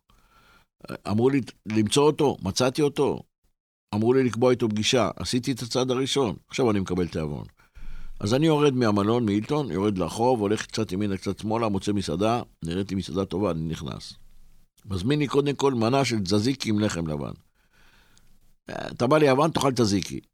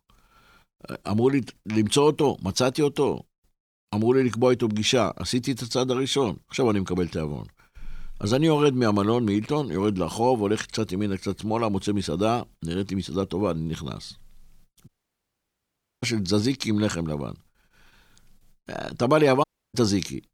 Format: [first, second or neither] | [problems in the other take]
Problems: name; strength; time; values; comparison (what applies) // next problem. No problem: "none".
first | audio cutting out; at 15 s for 1 s and at 19 s